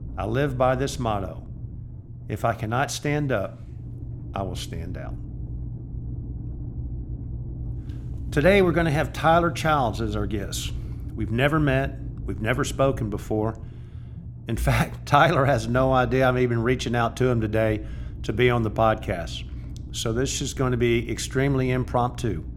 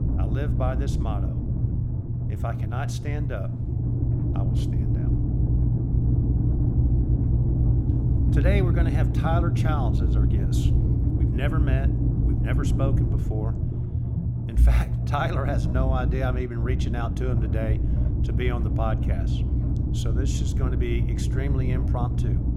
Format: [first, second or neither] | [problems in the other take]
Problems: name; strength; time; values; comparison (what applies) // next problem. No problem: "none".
first | low rumble; loud; throughout; 3 dB below the speech; faint in the first